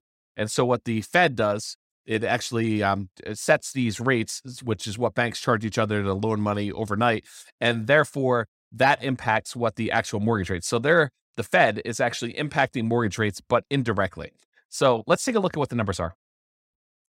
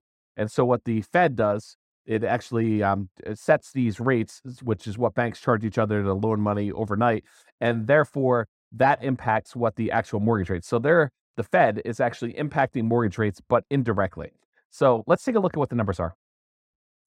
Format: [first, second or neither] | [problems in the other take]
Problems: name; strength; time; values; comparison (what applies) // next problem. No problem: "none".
first | muffled; slightly; fading above 2 kHz